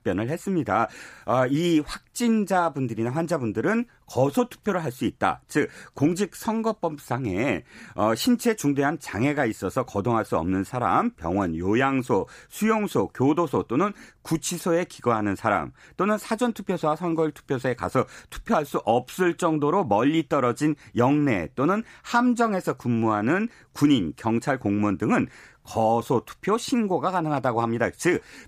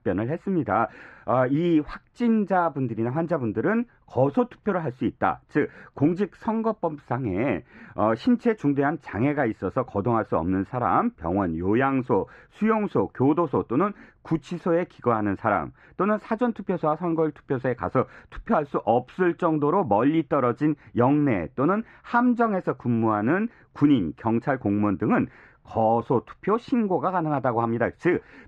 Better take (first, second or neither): first